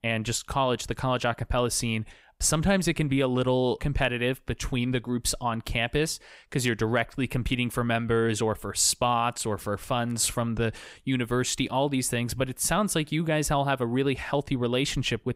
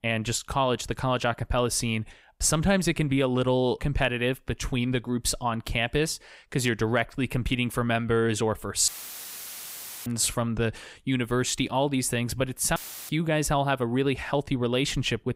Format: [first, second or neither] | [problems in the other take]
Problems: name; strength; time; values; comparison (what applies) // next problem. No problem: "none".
first | audio cutting out; filled with static; at 9 s for 1 s and at 13 s